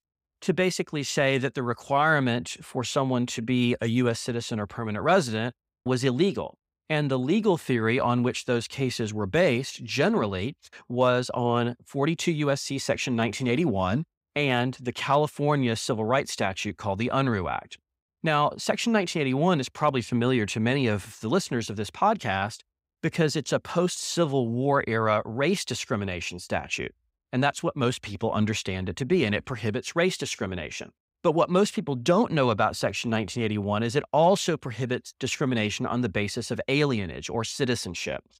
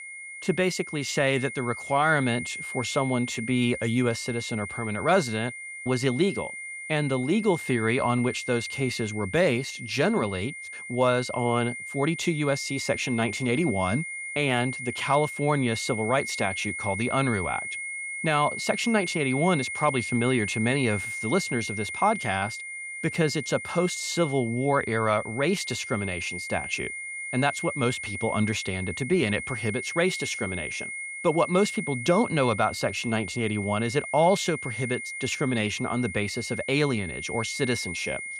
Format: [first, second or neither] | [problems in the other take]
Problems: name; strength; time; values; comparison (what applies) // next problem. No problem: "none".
first | high-pitched whine; loud; throughout; 2 kHz, 7 dB below the speech